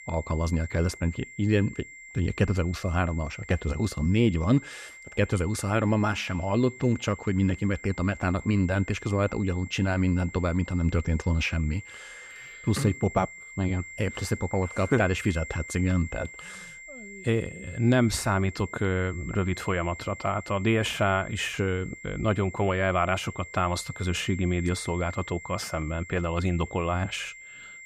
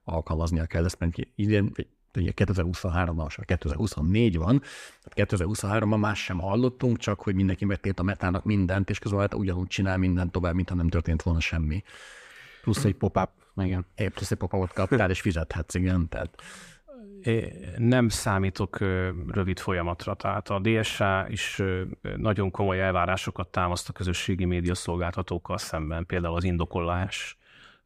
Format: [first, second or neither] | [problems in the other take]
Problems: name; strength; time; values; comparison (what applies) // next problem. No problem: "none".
second | high-pitched whine; noticeable; throughout; 2 kHz, 15 dB below the speech